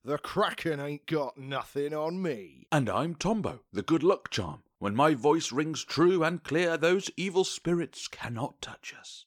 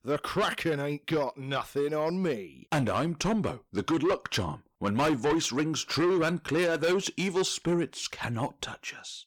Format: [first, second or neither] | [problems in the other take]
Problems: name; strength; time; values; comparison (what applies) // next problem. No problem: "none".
first | distortion; heavy; 8 dB below the speech